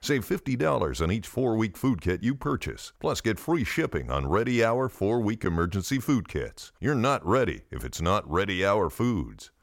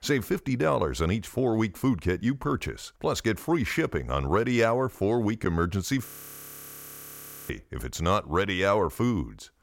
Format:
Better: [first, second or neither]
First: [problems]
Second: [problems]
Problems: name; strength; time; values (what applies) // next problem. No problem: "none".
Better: first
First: none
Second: audio freezing; at 6 s for 1.5 s